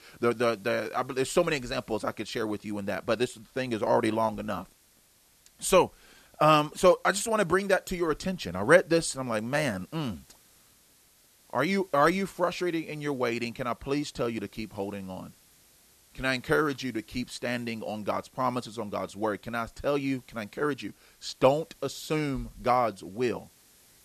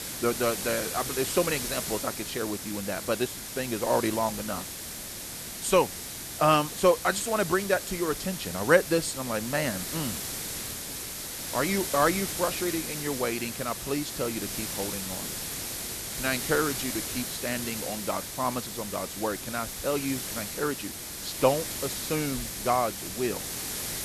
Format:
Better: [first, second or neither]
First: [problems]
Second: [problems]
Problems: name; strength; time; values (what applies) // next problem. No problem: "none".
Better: first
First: hiss; faint; throughout; 30 dB below the speech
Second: hiss; loud; throughout; 4 dB below the speech